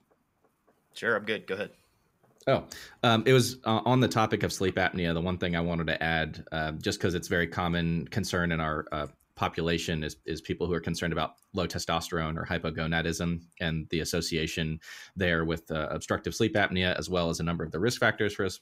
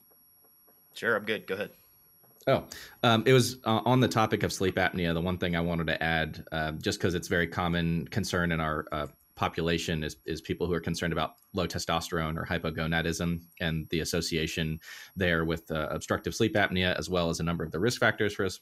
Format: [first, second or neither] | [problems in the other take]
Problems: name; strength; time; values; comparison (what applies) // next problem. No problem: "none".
first | high-pitched whine; faint; throughout; 11.5 kHz, 30 dB below the speech